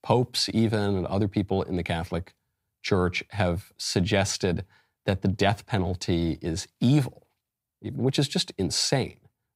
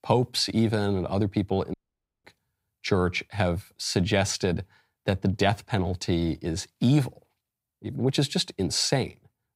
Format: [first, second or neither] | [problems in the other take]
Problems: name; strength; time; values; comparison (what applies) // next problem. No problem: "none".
first | audio cutting out; at 1.5 s for 0.5 s